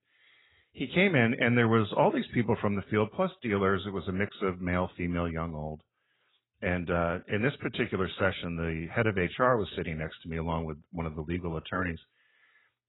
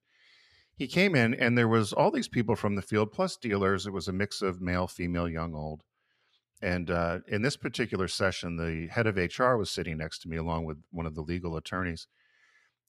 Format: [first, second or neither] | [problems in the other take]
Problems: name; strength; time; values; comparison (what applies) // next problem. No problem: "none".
second | garbled, watery; badly; nothing above 4 kHz